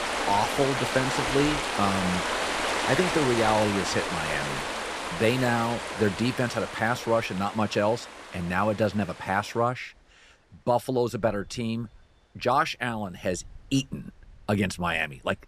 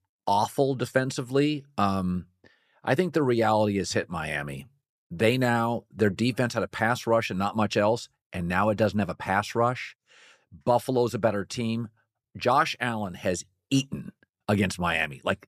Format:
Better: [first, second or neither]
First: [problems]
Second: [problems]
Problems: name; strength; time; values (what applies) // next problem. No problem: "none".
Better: second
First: rain or running water; loud; throughout; 2 dB below the speech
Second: none